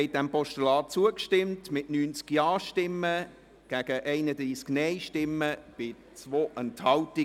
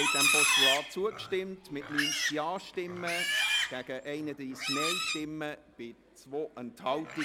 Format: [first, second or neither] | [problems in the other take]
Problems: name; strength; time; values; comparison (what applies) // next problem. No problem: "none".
first | background sound (Livestock, farm animals, working animals); 4 dB above the speech